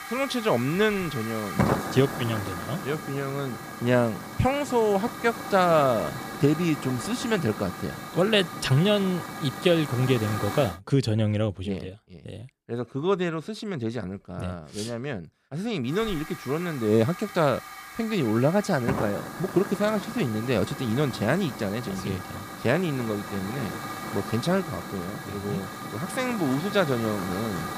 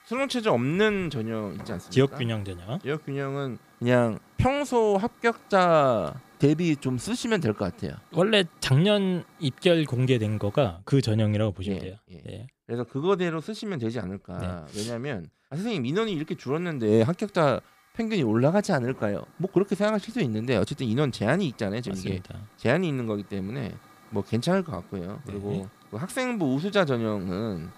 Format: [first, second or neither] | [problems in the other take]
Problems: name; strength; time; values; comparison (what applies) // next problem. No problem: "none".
second | hiss; loud; until 11 s and from 16 s on; 8 dB below the speech; faint in the second